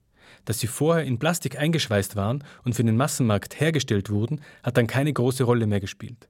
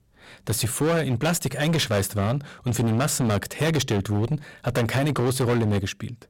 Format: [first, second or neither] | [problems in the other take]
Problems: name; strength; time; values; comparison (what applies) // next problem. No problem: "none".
first | distortion; heavy; 21% of the sound clipped